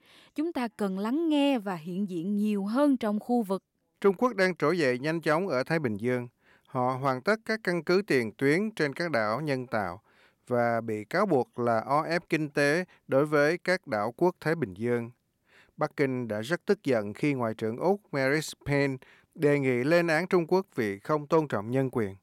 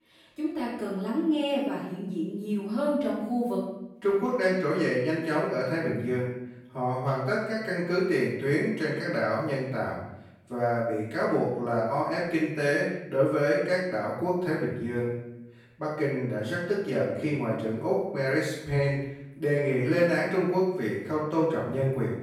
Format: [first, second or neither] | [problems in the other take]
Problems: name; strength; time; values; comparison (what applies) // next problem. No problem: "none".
first | room echo; noticeable; dies away in 0.8 s // off-mic speech; far